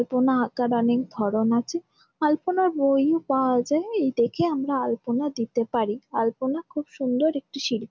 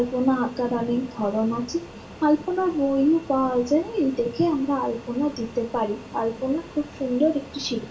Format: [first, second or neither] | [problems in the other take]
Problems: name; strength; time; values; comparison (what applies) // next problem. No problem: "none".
first | background sound (Fixed-wing aircraft, airplane); 18 dB below the speech // room echo; dies away in 0.3 s